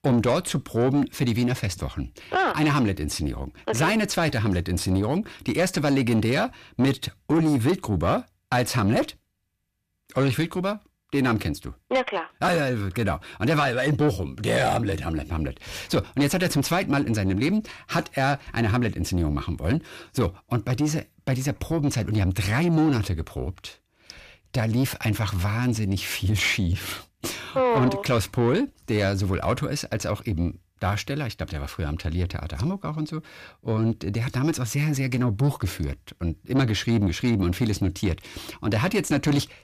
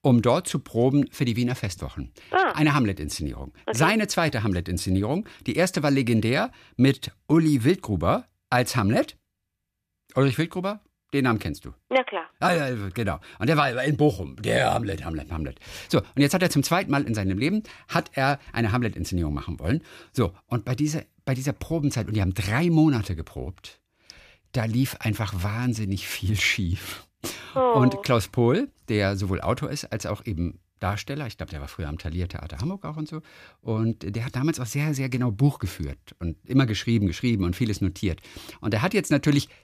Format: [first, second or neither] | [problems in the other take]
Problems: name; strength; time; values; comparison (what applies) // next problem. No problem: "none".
second | distortion; slight; 10 dB below the speech